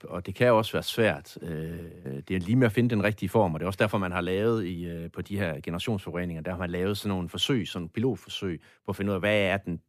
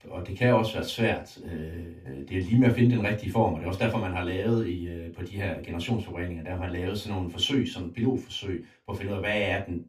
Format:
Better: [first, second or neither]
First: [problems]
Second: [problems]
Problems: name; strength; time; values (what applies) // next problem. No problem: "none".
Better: first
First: none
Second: room echo; slight; dies away in 0.2 s // off-mic speech; far